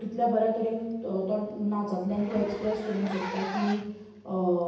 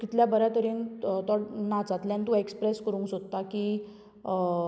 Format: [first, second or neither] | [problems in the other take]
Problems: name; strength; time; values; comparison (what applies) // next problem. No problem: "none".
second | background sound (Zipper (clothing)); 13 dB below the speech // room echo; dies away in 0.9 s